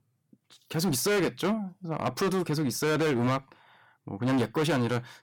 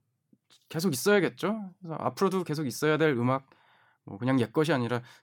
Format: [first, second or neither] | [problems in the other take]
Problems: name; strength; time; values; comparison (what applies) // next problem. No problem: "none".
second | distortion; heavy; 14% of the sound clipped